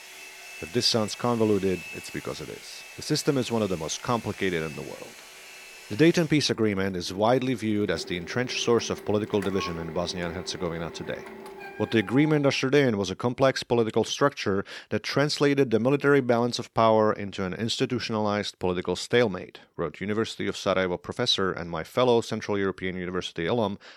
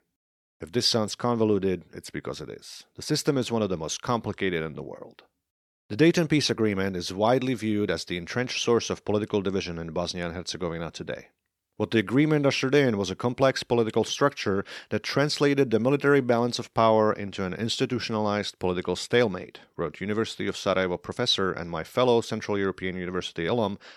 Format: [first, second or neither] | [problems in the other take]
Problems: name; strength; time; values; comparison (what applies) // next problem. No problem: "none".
second | household noises; noticeable; until 12 s; 15 dB below the speech